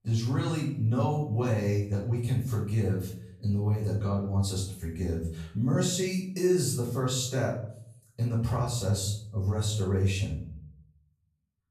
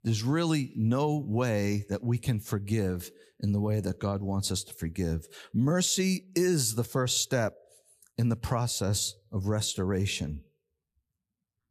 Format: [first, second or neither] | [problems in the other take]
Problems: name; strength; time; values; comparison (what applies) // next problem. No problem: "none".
second | off-mic speech; far // room echo; noticeable; dies away in 0.6 s